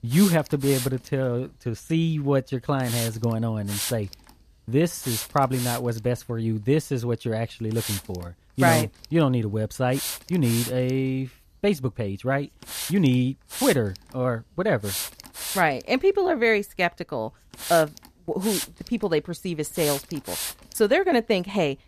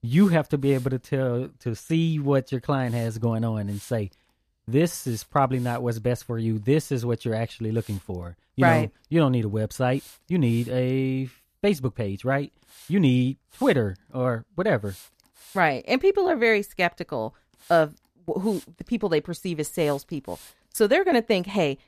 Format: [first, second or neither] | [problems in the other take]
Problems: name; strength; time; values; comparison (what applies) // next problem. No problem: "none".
second | hiss; loud; throughout; 7 dB below the speech; faint in the second